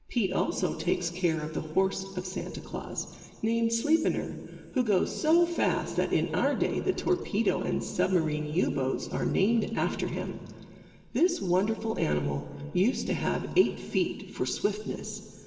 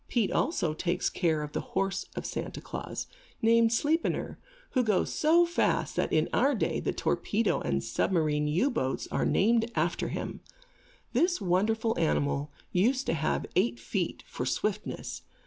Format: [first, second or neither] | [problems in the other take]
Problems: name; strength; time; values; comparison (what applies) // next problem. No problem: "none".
second | room echo; dies away in 2.4 s